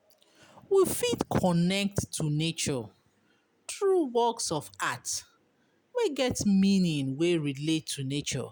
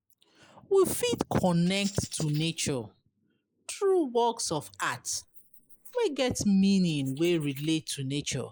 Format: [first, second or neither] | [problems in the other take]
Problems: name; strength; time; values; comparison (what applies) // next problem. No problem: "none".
first | noise reduction (neural mask model Resemble Enhance denoiser)